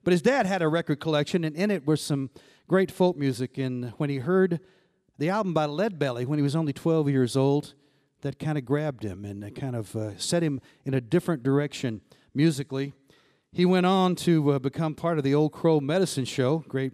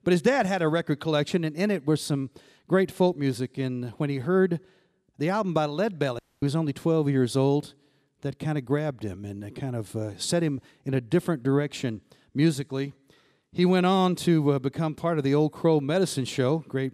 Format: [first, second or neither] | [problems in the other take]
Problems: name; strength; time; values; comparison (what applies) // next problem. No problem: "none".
first | audio cutting out; at 6 s